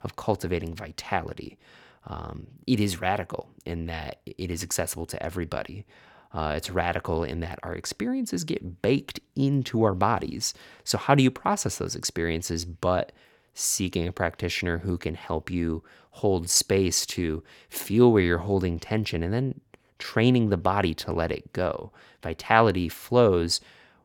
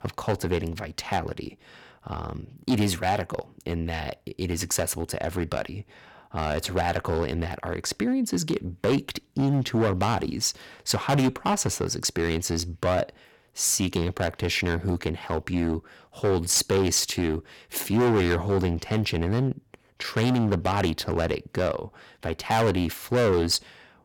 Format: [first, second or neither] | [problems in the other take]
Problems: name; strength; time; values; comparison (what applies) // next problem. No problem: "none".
first | distortion; heavy; 7% of the sound clipped